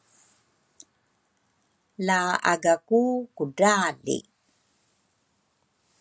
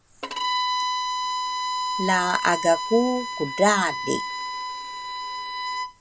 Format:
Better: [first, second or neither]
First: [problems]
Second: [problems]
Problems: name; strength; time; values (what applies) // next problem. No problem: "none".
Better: first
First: none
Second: background sound (Bowed string instrument); 2 dB below the speech